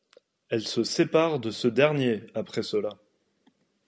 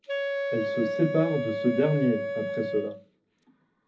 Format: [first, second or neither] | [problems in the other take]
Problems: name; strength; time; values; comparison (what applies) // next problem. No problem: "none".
first | background sound (Wind instrument, woodwind instrument); 3 dB below the speech // room echo; dies away in 0.4 s